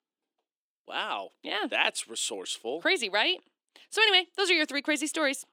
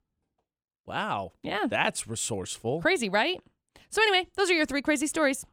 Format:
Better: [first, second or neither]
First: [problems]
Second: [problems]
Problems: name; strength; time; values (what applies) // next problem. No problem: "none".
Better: second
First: thin; very slightly; fading below 300 Hz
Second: none